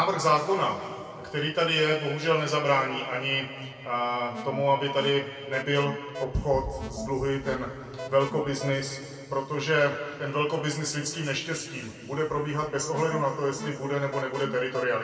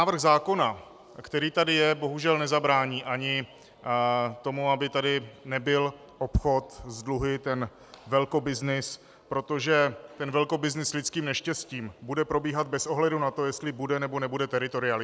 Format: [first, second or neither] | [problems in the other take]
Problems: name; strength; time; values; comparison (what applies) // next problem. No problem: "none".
second | background sound (Alarm); 12 dB below the speech // room echo; dies away in 2.2 s